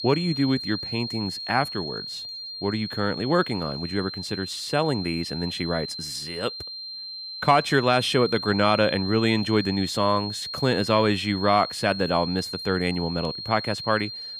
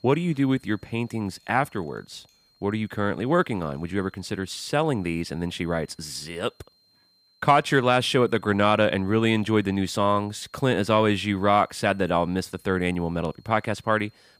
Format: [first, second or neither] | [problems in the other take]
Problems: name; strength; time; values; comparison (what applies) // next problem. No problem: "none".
second | high-pitched whine; loud; throughout; 4 kHz, 7 dB below the speech; faint in the second